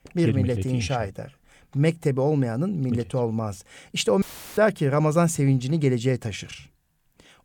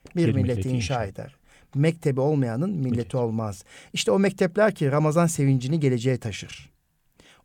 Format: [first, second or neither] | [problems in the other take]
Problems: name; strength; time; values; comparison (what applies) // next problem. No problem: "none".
second | audio cutting out; filled with static; at 4 s